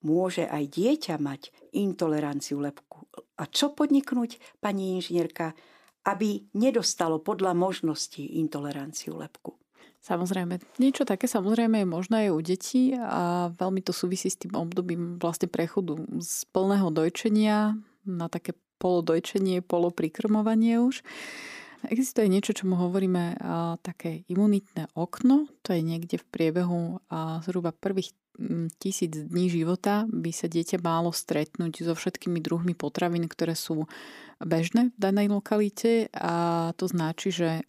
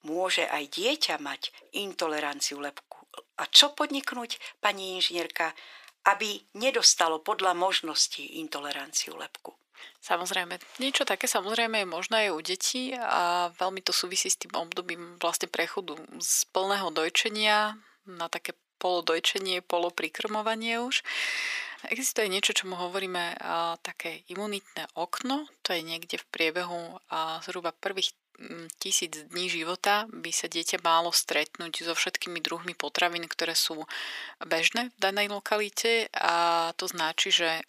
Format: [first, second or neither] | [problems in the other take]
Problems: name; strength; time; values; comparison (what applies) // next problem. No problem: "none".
first | thin; very; fading below 700 Hz